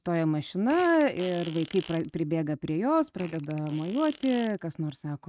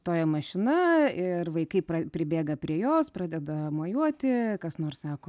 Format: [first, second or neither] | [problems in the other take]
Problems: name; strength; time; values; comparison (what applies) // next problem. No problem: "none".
second | noise reduction (neural mask model RNNoise)